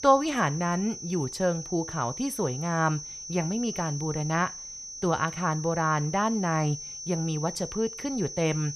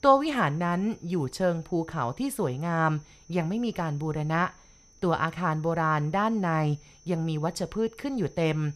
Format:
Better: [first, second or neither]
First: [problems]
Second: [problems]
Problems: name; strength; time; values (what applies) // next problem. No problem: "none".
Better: second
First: high-pitched whine; loud; throughout; 6 kHz, 8 dB below the speech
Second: high-pitched whine; faint; throughout; 6 kHz, 30 dB below the speech